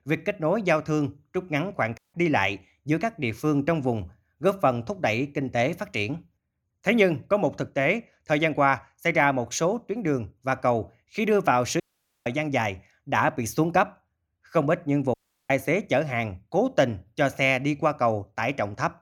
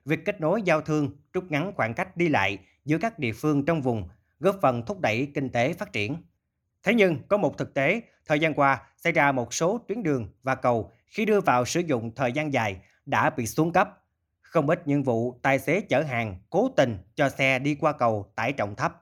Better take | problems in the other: second | audio cutting out; at 2 s, at 12 s and at 15 s

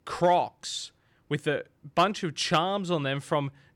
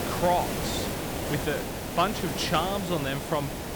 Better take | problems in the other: first | hiss; loud; throughout; 3 dB below the speech

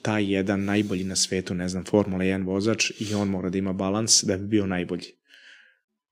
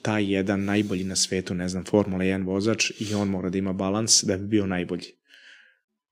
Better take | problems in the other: neither | none

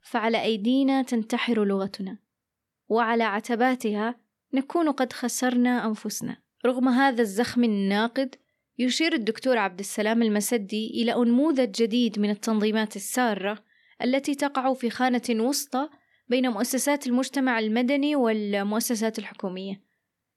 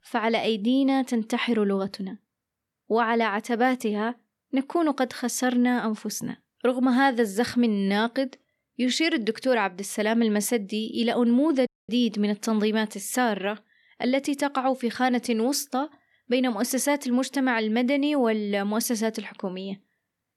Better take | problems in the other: first | audio cutting out; at 12 s

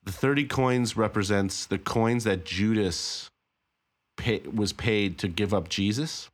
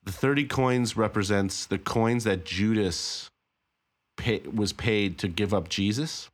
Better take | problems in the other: neither | none

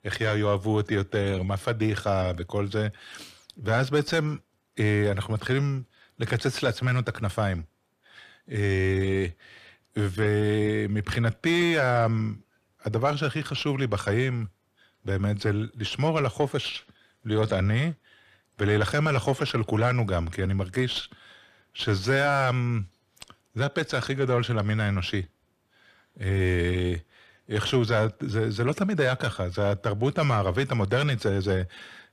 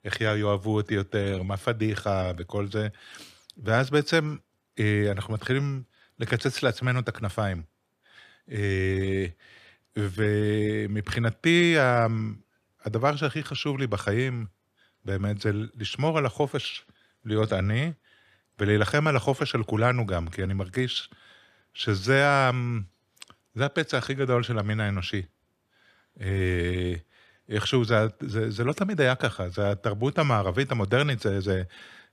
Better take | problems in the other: second | distortion; slight; 10 dB below the speech

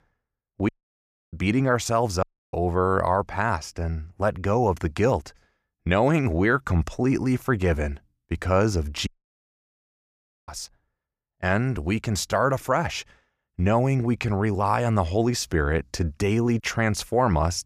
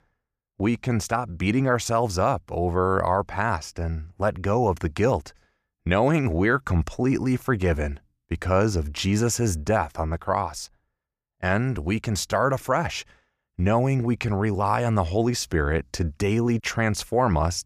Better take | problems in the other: second | audio cutting out; at 0.5 s for 0.5 s, at 2 s and at 9 s for 1.5 s

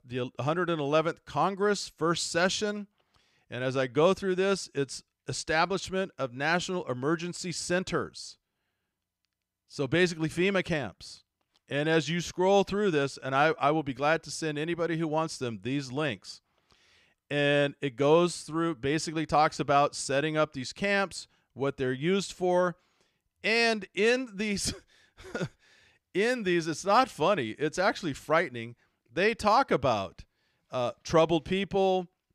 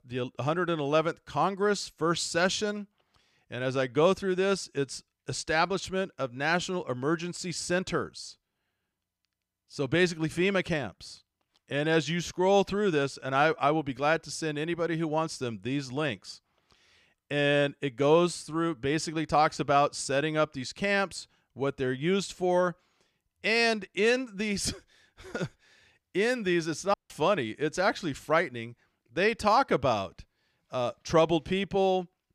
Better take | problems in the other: first | audio cutting out; at 27 s

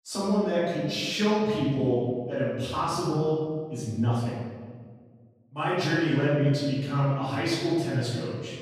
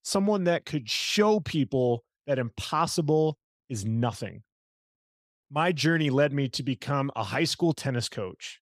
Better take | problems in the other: second | off-mic speech; far // room echo; strong; dies away in 1.5 s

